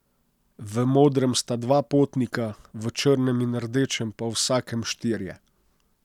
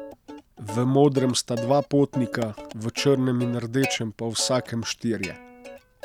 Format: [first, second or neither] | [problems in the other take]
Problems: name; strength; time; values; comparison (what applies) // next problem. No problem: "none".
first | background sound (Plucked string instrument); 13 dB below the speech